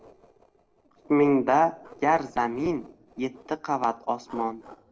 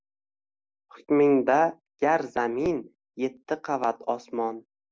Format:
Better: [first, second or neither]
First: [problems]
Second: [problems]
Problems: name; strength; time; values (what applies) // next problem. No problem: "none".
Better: second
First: noise reduction (neural separator model SepFormer DNS4)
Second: none